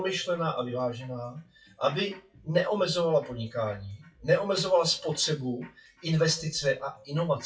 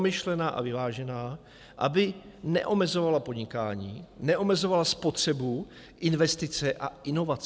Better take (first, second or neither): second